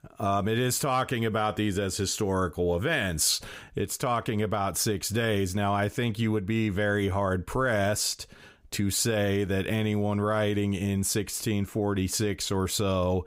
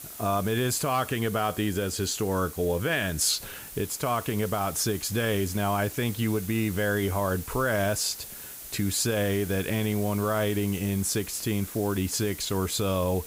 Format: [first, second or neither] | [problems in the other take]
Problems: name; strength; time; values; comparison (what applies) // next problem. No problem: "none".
first | hiss; noticeable; throughout; 10 dB below the speech